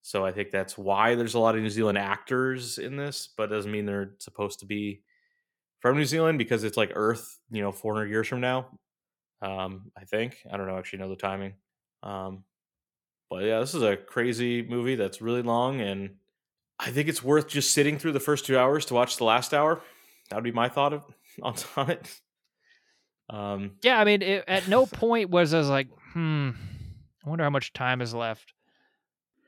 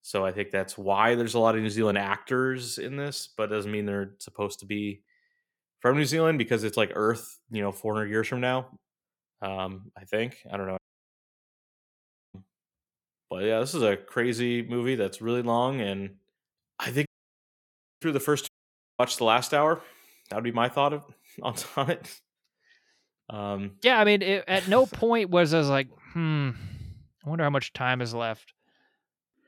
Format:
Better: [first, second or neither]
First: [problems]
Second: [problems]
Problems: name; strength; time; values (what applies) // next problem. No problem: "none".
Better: first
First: none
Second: audio cutting out; at 11 s for 1.5 s, at 17 s for 1 s and at 18 s for 0.5 s